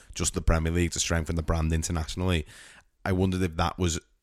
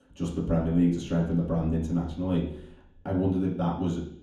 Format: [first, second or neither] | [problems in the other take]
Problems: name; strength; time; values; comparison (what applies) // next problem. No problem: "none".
first | room echo; noticeable; dies away in 0.8 s // off-mic speech; far